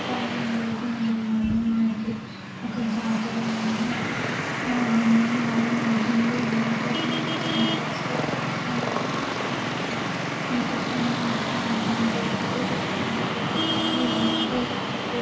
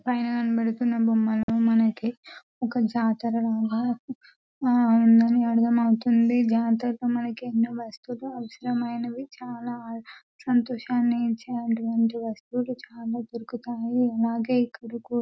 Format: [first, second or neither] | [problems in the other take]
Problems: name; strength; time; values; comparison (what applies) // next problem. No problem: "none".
second | background sound (Traffic noise, roadway noise); as loud as the speech // room echo; dies away in 0.6 s